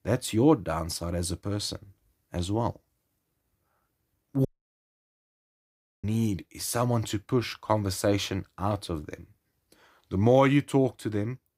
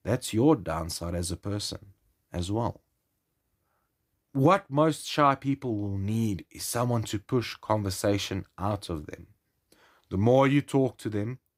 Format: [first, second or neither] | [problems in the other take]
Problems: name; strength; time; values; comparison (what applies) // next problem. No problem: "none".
second | audio cutting out; at 4.5 s for 1.5 s